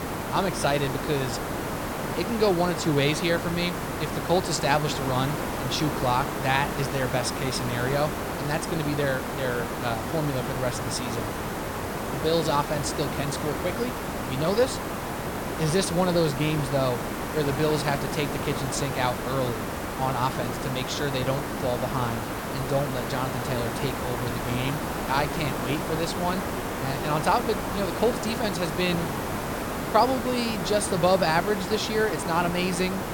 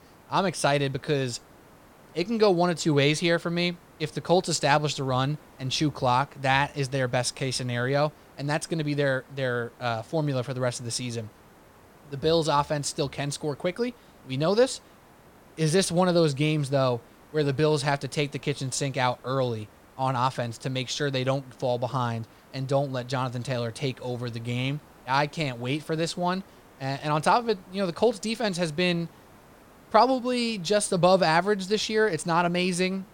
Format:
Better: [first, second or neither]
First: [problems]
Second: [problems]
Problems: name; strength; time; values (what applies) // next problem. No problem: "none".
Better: second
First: hiss; loud; throughout; 3 dB below the speech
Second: hiss; faint; throughout; 25 dB below the speech